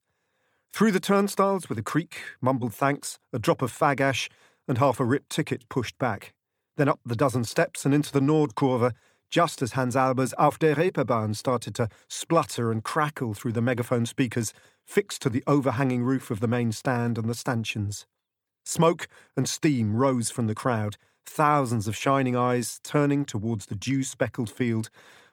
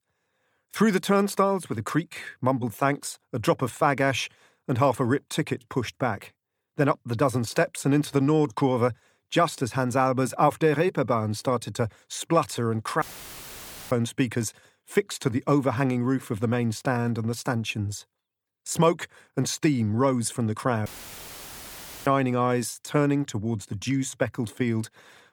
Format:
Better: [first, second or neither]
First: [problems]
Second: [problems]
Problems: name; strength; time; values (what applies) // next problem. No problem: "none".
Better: first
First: none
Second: audio cutting out; filled with static; at 13 s for 1 s and at 21 s for 1 s